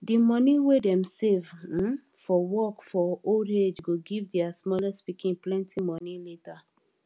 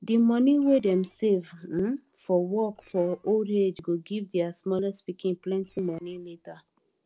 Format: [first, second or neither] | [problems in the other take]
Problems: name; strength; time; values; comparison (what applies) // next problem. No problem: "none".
first | noise reduction (neural separator model SepFormer DNS4)